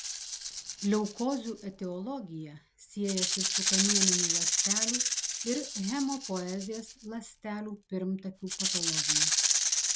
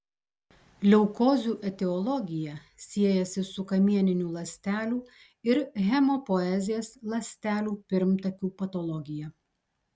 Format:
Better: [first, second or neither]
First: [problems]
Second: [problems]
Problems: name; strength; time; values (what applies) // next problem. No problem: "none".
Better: second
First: background sound (Rattle (instrument)); 4 dB above the speech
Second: none